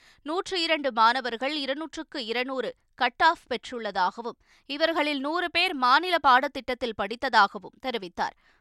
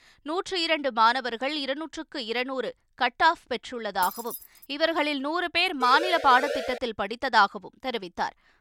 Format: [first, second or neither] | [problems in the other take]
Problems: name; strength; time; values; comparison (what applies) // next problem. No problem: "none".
first | jangling keys; noticeable; at 4 s; peak 10 dB below the speech // siren; noticeable; at 6 s; peak 5 dB below the speech